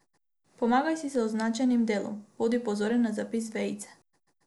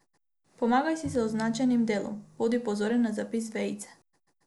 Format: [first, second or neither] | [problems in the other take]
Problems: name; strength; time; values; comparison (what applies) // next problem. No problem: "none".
first | background sound (Bowed string instrument); 18 dB below the speech